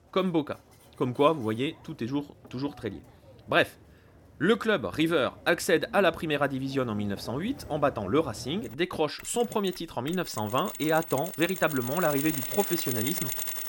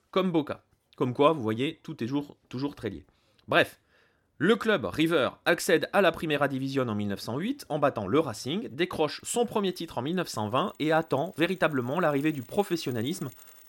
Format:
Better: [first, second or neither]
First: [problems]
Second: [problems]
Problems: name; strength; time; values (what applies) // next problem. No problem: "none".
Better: second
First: machinery noise; loud; throughout; 7 dB below the speech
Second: machinery noise; faint; throughout; 25 dB below the speech